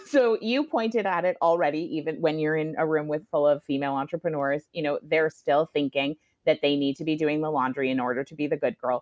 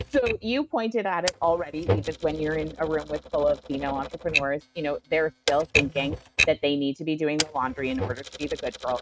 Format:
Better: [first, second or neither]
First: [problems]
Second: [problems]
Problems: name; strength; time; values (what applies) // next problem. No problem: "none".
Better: first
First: none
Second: noise reduction (neural mask model RNNoise)